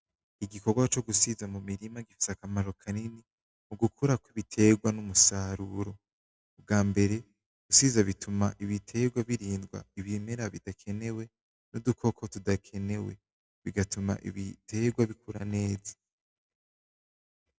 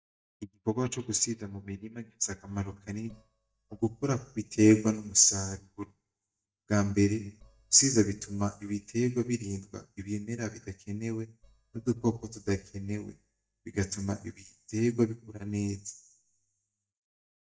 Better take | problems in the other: first | noise reduction (neural mask model DeepFilterNet 3)

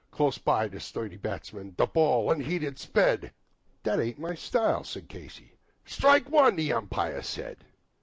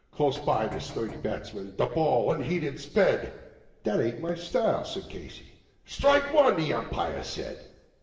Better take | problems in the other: first | background sound (Knock); 16 dB below the speech // room echo; dies away in 1.1 s

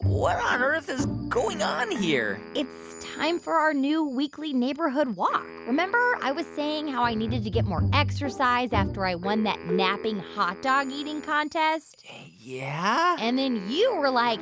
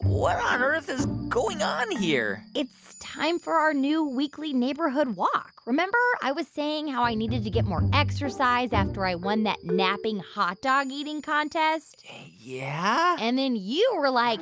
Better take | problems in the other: second | background sound (Wind instrument, woodwind instrument); 18 dB below the speech

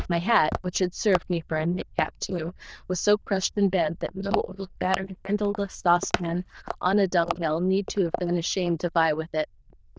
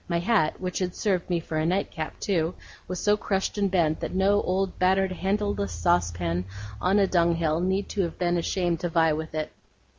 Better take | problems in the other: second | noise reduction (neural diffusion model UNIVERSE++)

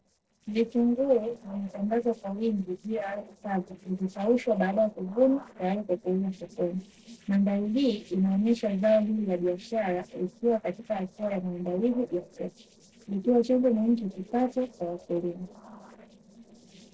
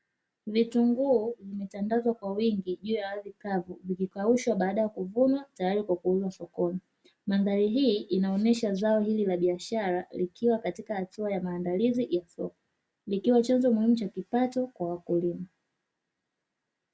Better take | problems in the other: second | noise reduction (neural separator model SepFormer DNS4)

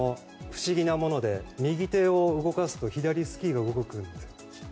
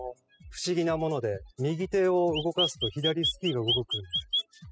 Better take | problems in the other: first | noise reduction (classical method spectral subtraction)

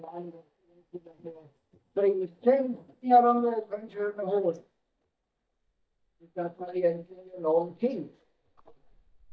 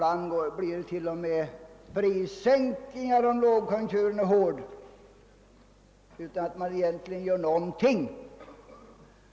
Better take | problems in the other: second | noise reduction (neural mask model DeepFilterNet 3)

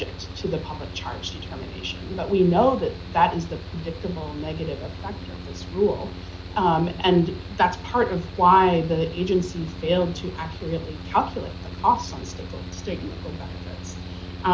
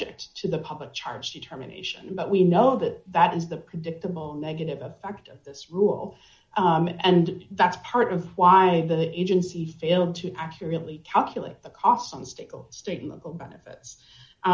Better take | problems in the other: second | background sound (Mechanical fan); 10 dB below the speech

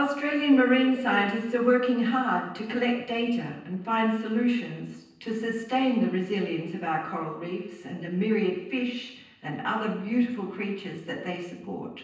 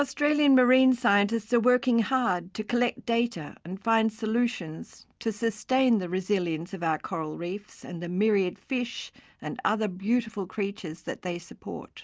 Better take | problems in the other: second | noise reduction (neural separator model SepFormer DNS4)

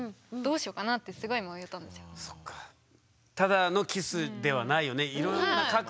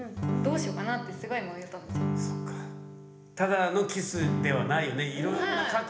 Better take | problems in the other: first | background sound (Acoustic guitar / Strum); 3 dB below the speech // room echo; dies away in 1 s

